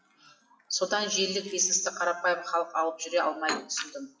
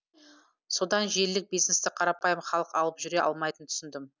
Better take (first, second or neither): second